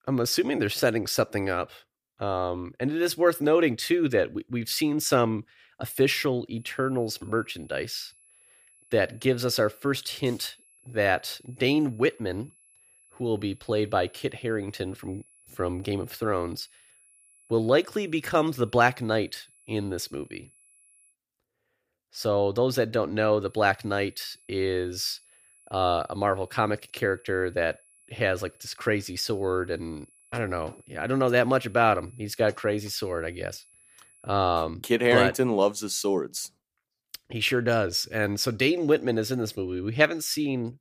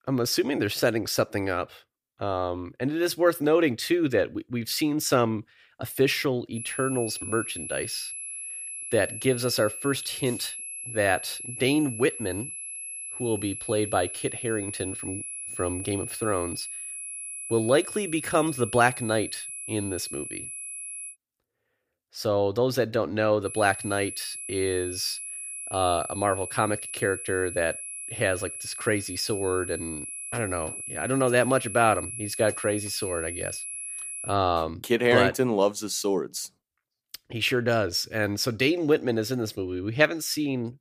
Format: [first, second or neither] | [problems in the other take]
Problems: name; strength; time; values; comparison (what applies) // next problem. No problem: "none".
first | high-pitched whine; loud; from 6.5 to 21 s and from 23 to 34 s; 11 kHz, 7 dB below the speech; faint in the first